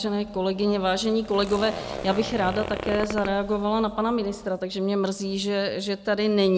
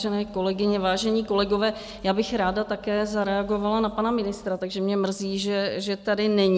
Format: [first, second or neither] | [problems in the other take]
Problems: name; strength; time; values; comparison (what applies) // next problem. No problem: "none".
second | background sound (Zipper (clothing)); 10 dB below the speech